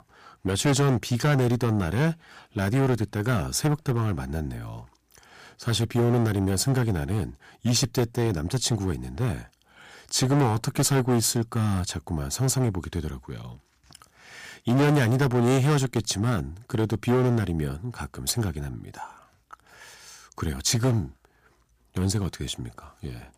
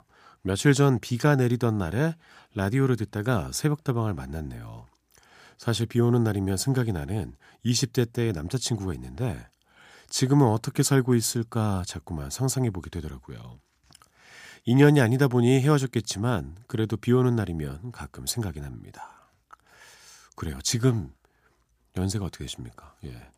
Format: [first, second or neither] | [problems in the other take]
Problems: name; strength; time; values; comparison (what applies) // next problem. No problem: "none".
second | distortion; heavy; 8% of the sound clipped